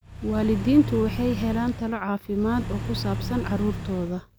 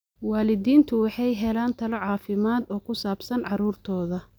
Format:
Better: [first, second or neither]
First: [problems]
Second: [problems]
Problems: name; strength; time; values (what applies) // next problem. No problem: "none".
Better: second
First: background sound (Accelerating, revving, vroom / Car); 6 dB below the speech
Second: none